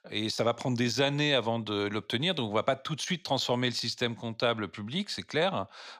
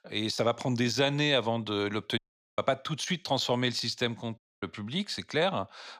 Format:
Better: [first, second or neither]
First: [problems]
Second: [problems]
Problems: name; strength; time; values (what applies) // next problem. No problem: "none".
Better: first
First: none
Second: audio cutting out; at 2 s and at 4.5 s